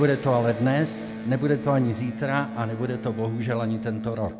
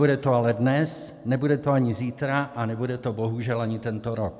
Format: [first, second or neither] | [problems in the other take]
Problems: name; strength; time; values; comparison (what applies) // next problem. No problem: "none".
second | background sound (Electric guitar); 10 dB below the speech